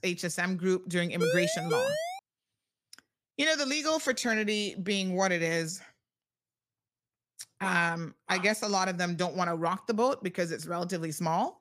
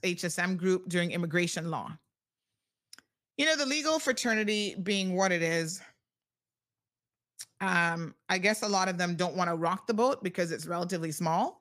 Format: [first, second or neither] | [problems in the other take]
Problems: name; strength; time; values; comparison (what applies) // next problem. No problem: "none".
second | siren; loud; at 1 s; peak level with the speech // dog barking; noticeable; at 7.5 s; peak 10 dB below the speech